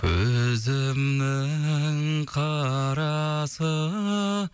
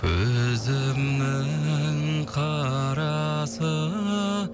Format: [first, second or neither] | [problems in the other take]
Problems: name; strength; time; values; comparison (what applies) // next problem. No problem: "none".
first | background sound (Car passing by); 12 dB below the speech